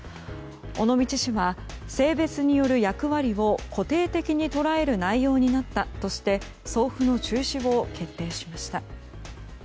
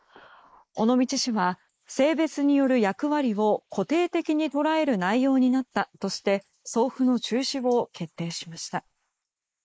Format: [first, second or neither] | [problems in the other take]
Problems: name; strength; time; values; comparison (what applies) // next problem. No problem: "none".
first | noise reduction (neural mask model Resemble Enhance denoiser)